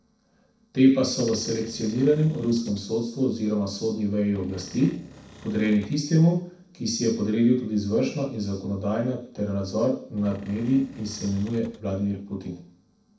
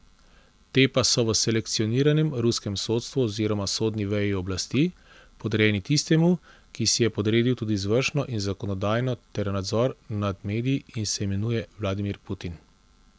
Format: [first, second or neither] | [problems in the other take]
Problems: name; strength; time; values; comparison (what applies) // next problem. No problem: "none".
second | noise reduction (neural separator model SepFormer DNS4)